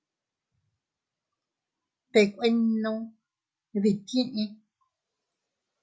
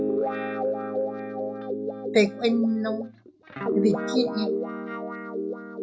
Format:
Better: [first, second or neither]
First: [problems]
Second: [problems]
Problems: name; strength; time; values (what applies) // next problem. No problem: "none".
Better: first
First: none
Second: background sound (Guitar); as loud as the speech